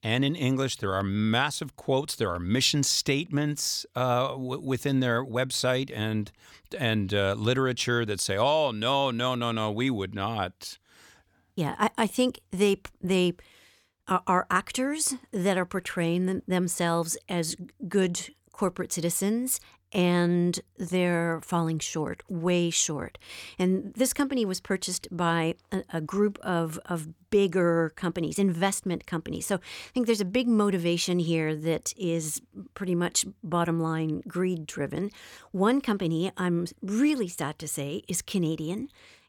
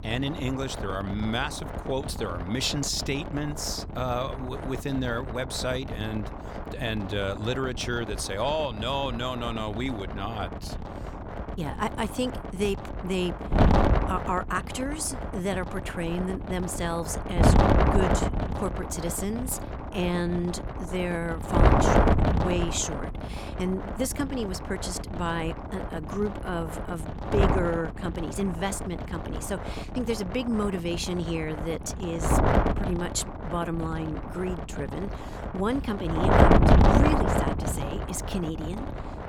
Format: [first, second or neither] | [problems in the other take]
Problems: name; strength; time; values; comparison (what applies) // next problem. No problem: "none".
first | wind noise on the microphone; heavy; 1 dB above the speech